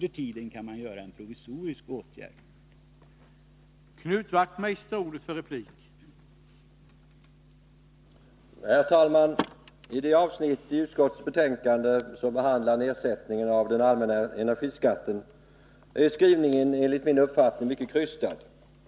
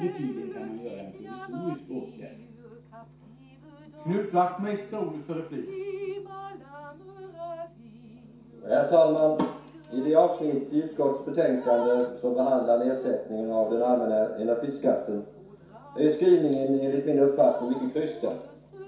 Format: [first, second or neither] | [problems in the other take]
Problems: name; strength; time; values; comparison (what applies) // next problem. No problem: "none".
first | background sound (Drip); 17 dB below the speech // room echo; dies away in 0.6 s